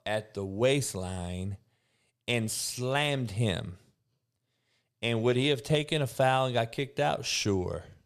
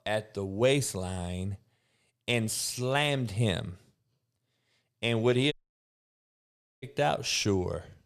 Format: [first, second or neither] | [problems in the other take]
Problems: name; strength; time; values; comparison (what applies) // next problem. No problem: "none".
first | audio cutting out; at 5.5 s for 1.5 s